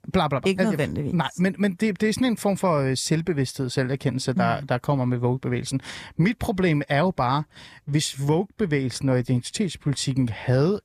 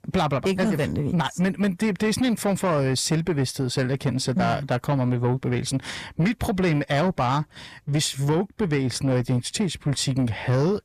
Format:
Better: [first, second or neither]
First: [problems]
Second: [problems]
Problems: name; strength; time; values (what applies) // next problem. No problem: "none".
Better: first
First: none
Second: distortion; slight; 10 dB below the speech